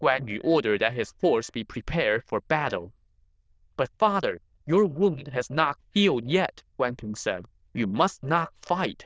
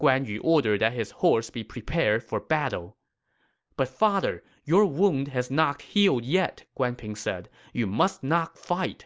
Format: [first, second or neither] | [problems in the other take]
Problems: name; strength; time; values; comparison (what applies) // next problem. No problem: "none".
second | noise reduction (neural diffusion model UNIVERSE++)